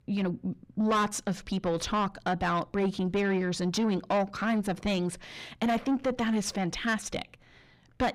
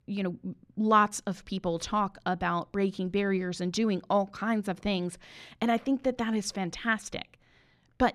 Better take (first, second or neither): second